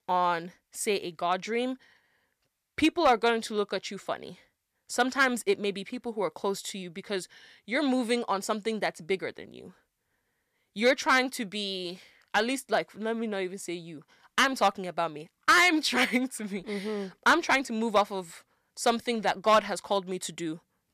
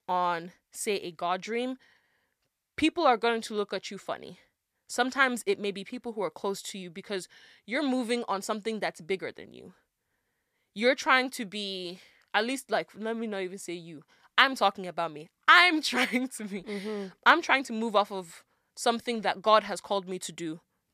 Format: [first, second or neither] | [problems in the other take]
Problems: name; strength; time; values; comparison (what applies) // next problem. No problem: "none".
second | distortion; slight; 0.9% of the sound clipped